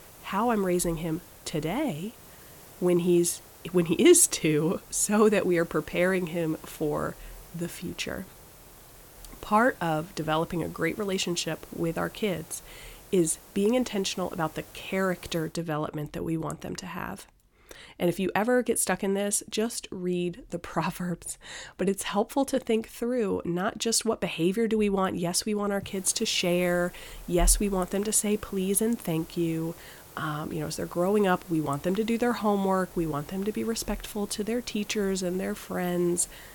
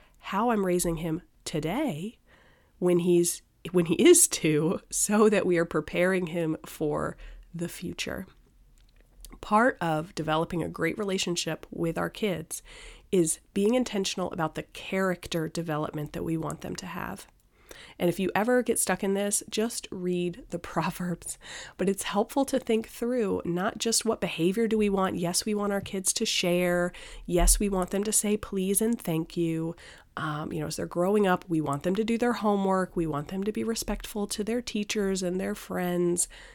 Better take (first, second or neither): second